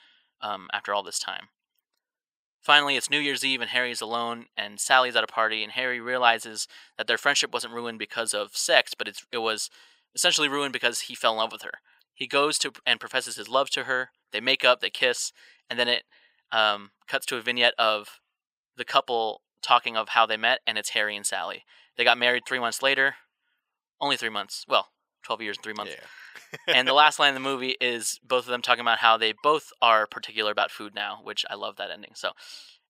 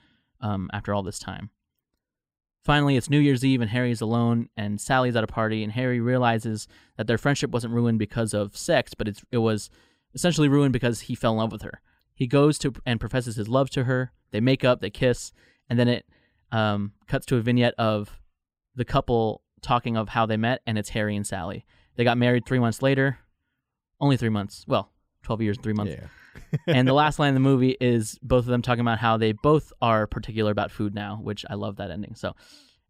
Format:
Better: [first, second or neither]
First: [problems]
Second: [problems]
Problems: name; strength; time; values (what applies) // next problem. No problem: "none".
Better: second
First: thin; very; fading below 800 Hz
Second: none